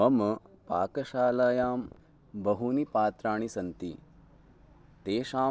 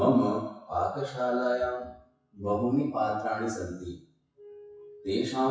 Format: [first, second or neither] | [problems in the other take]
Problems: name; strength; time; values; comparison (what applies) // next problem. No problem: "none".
first | noise reduction (classical method WPE with log-MMSE)